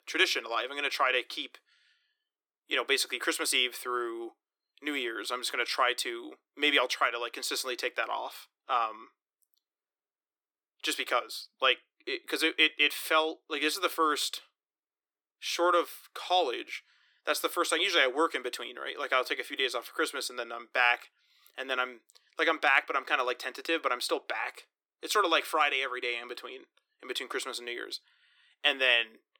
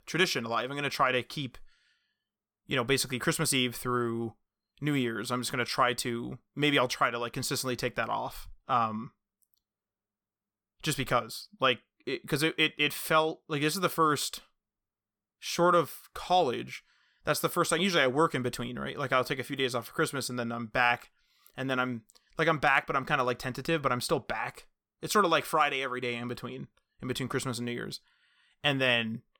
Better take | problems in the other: second | thin; somewhat; fading below 300 Hz

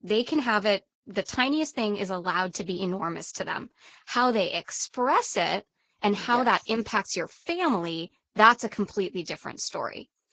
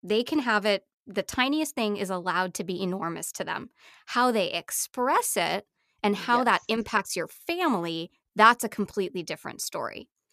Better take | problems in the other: second | garbled, watery; badly; nothing above 7.5 kHz

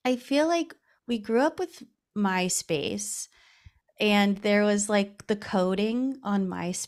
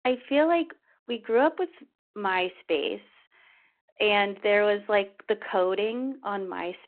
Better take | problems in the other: first | phone-call audio

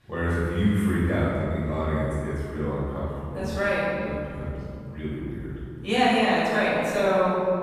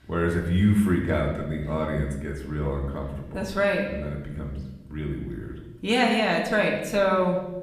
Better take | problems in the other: second | room echo; strong; dies away in 2 s; slight in the second // off-mic speech; far; far in the second

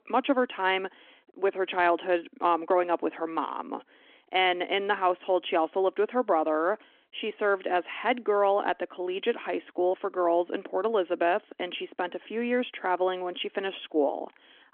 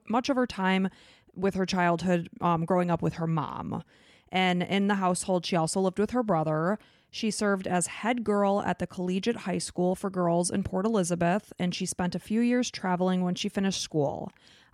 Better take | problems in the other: second | phone-call audio; nothing above 3.5 kHz

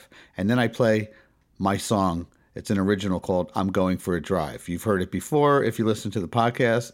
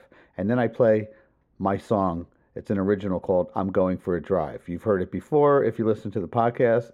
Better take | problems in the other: first | muffled; very; fading above 3 kHz

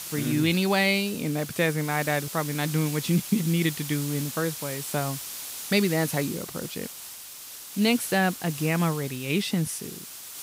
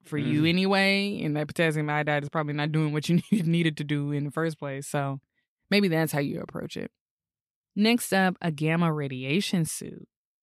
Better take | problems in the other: second | hiss; loud; throughout; 9 dB below the speech

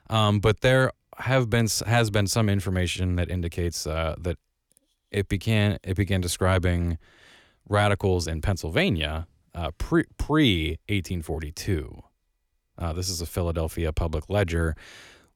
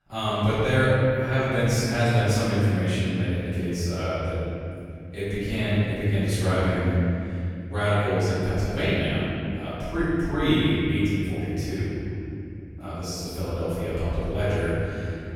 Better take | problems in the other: first | room echo; strong; dies away in 2.9 s // off-mic speech; far

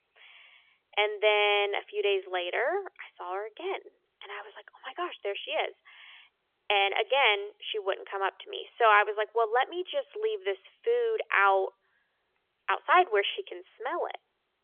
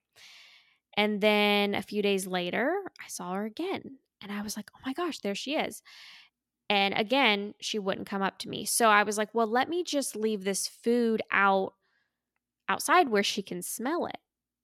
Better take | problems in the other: second | phone-call audio; nothing above 3.5 kHz

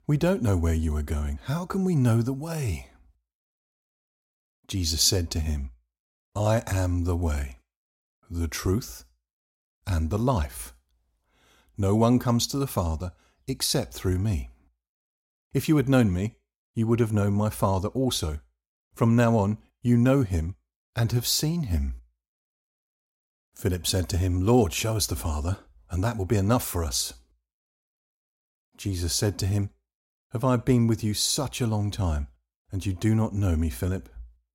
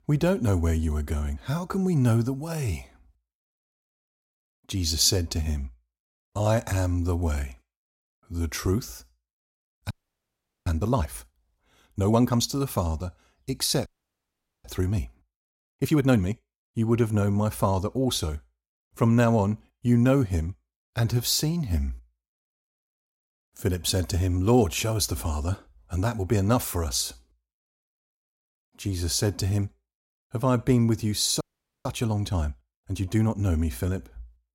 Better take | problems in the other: first | audio freezing; at 10 s for 1 s, at 14 s for 1 s and at 31 s

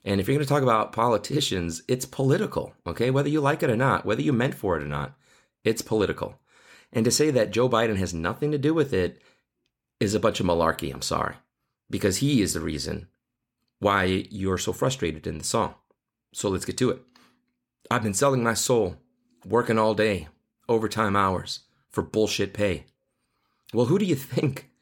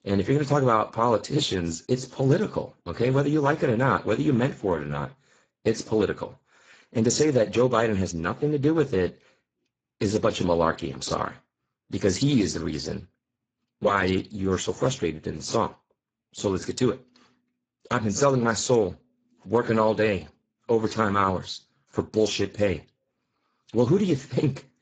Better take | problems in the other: first | garbled, watery; badly; nothing above 7.5 kHz

